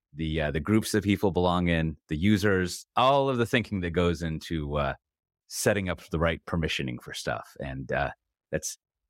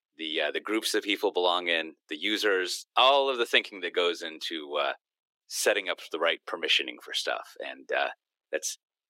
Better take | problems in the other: first | thin; very; fading below 350 Hz

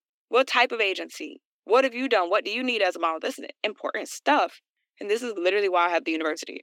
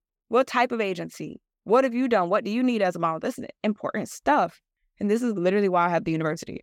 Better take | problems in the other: second | thin; somewhat; fading below 300 Hz

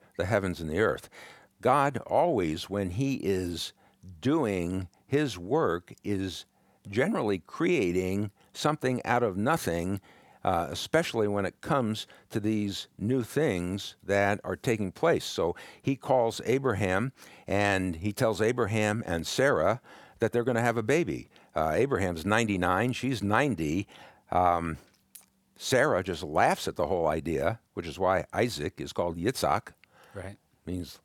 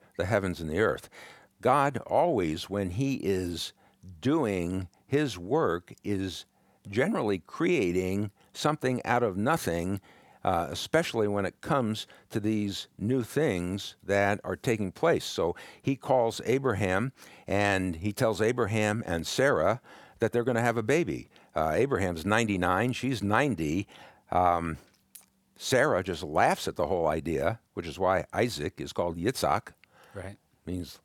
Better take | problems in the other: neither | none

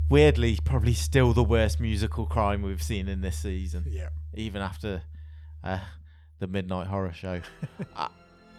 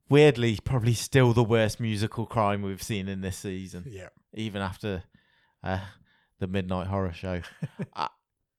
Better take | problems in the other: second | background music; loud; throughout; 3 dB below the speech

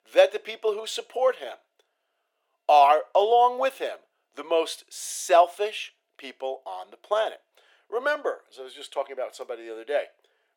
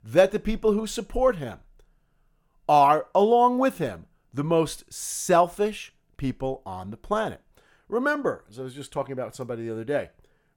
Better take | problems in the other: second | thin; very; fading below 400 Hz

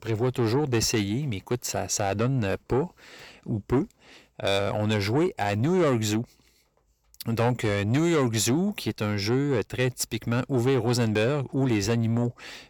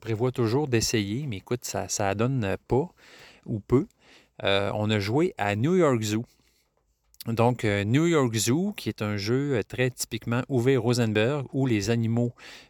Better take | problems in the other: second | distortion; slight; 10 dB below the speech

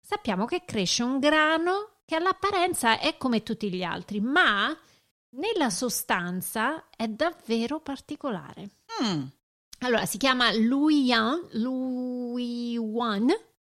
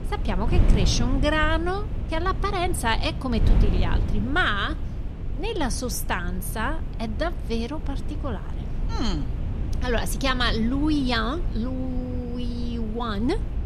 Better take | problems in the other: first | wind noise on the microphone; occasional gusts; 15 dB below the speech

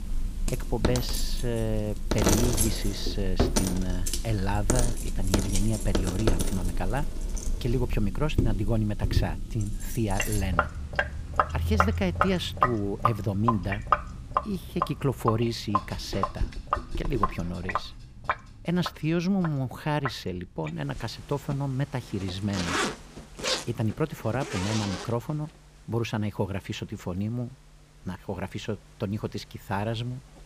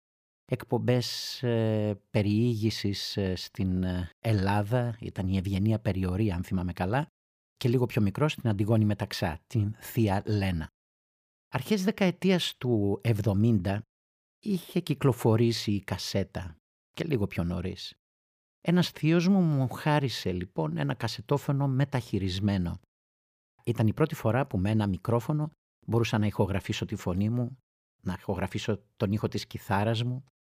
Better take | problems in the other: second | household noises; very loud; throughout; as loud as the speech

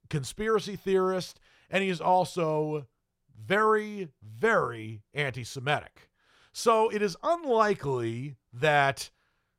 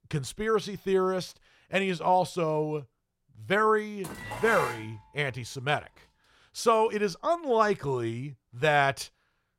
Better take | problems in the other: first | clattering dishes; noticeable; at 4 s; peak 6 dB below the speech

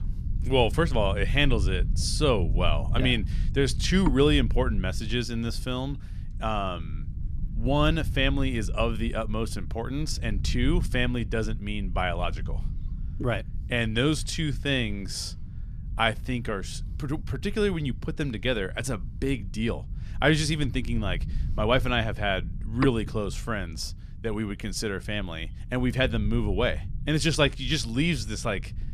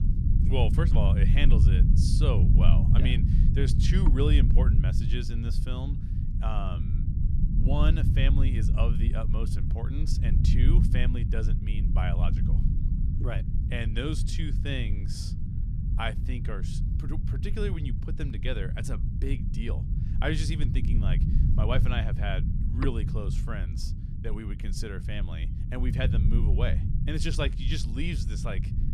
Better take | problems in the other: first | low rumble; loud; throughout; 5 dB below the speech; faint in the first

